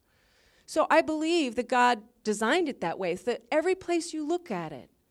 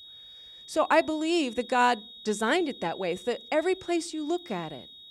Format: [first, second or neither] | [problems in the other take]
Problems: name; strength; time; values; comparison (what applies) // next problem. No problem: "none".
first | high-pitched whine; noticeable; throughout; 3.5 kHz, 15 dB below the speech